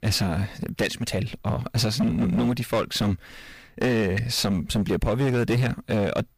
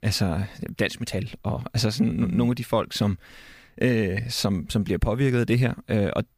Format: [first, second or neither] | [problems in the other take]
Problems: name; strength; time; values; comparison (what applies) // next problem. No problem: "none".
second | distortion; heavy; 13% of the sound clipped